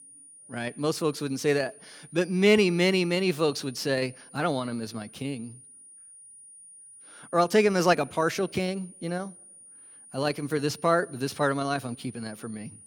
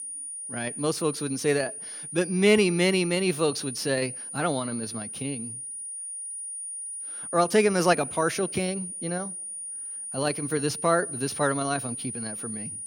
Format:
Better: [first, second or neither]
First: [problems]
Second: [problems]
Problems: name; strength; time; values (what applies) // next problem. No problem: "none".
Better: first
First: high-pitched whine; faint; throughout; 9.5 kHz, 20 dB below the speech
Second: high-pitched whine; loud; throughout; 9.5 kHz, 7 dB below the speech